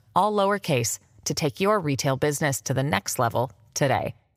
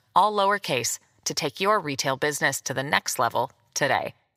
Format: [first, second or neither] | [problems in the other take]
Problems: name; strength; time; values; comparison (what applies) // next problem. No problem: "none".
first | thin; somewhat; fading below 350 Hz